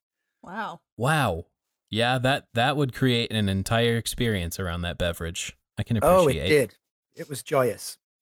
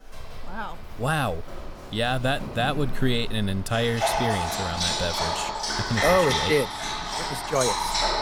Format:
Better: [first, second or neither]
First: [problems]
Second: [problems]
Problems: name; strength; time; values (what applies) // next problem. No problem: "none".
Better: first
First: none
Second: animal sounds; loud; throughout; 1 dB below the speech